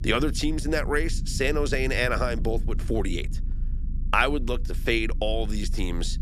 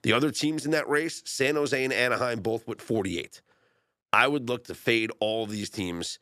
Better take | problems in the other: second | low rumble; faint; throughout; 20 dB below the speech

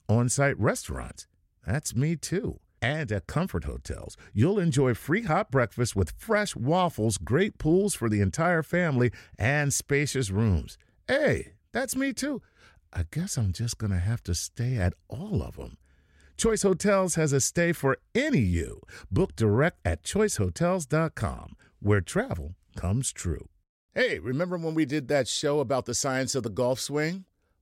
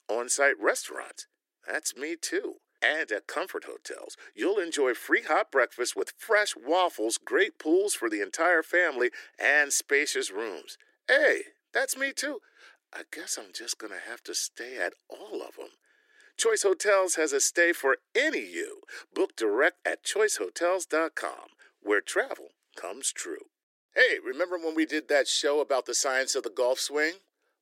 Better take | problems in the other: first | thin; very; fading below 300 Hz

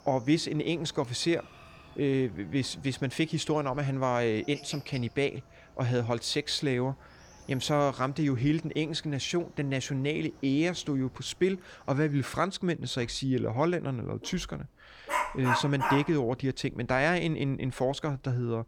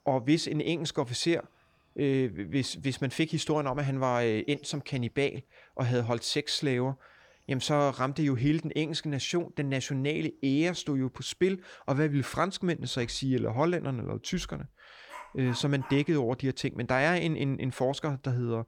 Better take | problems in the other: second | animal sounds; loud; throughout; 5 dB below the speech; faint in the second

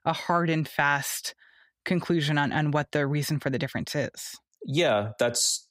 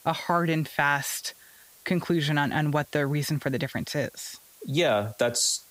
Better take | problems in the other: first | hiss; faint; throughout; 25 dB below the speech

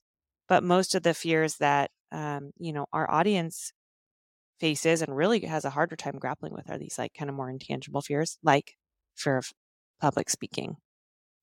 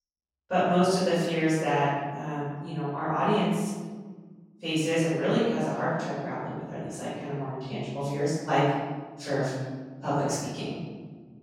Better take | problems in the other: first | off-mic speech; far // room echo; strong; dies away in 1.5 s

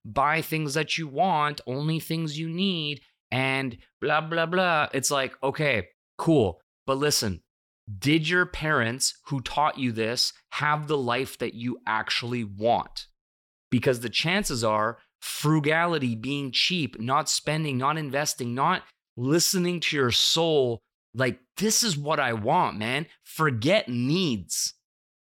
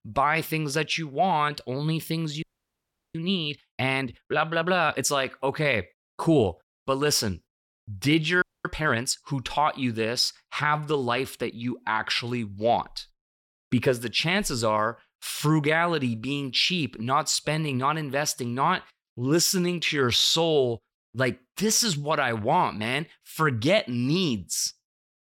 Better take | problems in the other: first | audio freezing; at 2.5 s for 0.5 s and at 8.5 s

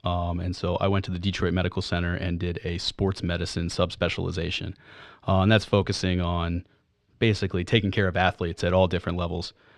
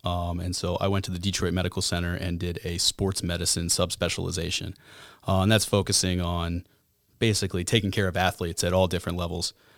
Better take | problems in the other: second | muffled; slightly; fading above 2.5 kHz

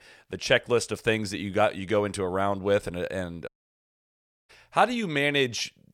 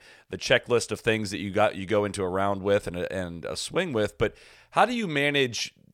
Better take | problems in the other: second | audio cutting out; at 3.5 s for 1 s

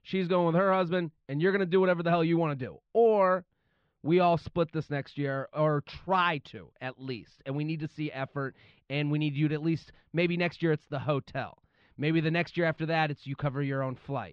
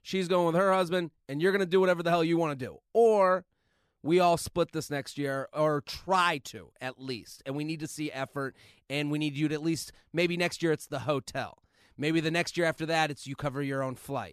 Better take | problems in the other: second | muffled; slightly; fading above 3.5 kHz

